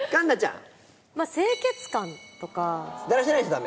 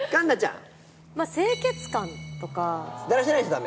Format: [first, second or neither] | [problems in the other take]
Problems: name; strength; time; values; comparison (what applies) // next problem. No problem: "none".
first | background sound (Livestock, farm animals, working animals); 17 dB below the speech